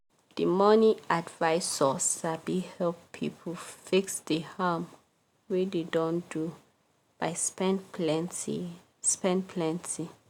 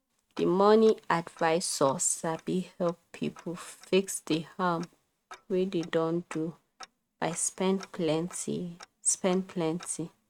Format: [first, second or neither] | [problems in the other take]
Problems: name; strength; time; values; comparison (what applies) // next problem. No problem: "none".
first | noise reduction (neural mask model RNNoise)